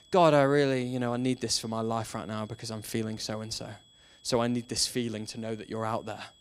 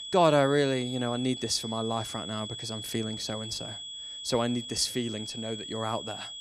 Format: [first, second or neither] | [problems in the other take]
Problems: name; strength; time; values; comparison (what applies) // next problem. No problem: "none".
first | high-pitched whine; loud; throughout; 3.5 kHz, 8 dB below the speech; faint in the first